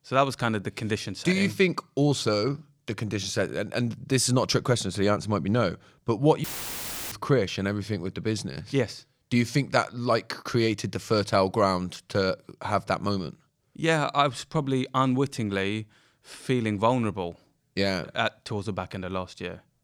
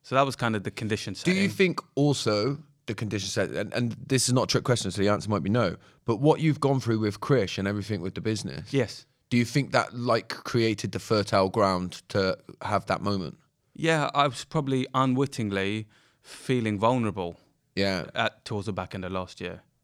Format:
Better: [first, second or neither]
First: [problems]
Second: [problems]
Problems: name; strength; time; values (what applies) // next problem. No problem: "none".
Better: second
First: audio cutting out; filled with static; at 6.5 s for 0.5 s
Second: none